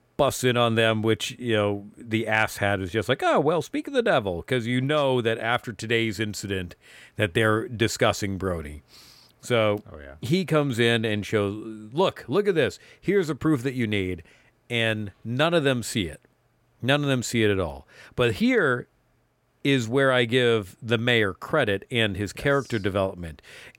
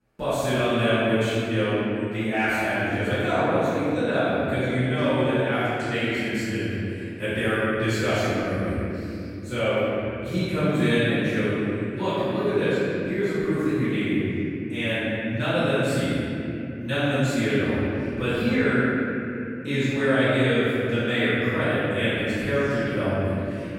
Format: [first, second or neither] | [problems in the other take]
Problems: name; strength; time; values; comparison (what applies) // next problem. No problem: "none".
first | off-mic speech; far // room echo; strong; dies away in 3 s